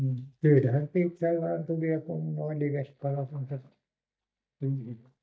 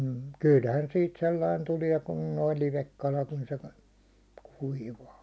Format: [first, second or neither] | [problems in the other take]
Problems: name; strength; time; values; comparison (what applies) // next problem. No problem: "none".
second | noise reduction (neural mask model DeepFilterNet 3)